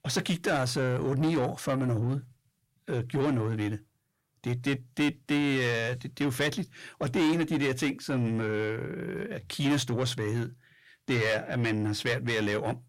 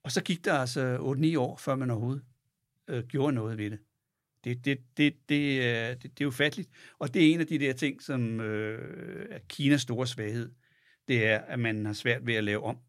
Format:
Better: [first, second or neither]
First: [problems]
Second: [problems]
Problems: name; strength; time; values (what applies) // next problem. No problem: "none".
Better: second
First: distortion; heavy; 7 dB below the speech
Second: none